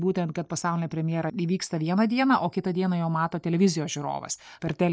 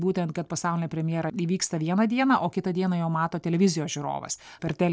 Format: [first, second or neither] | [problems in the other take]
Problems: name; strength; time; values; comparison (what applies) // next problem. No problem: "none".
second | noise reduction (neural mask model DeepFilterNet 3)